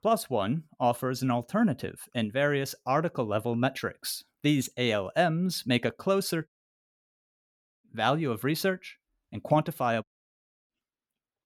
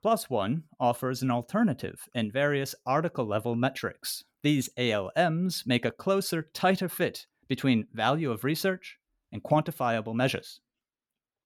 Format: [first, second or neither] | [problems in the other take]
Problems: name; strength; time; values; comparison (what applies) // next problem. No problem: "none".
second | audio cutting out; at 6.5 s for 1.5 s and at 10 s for 0.5 s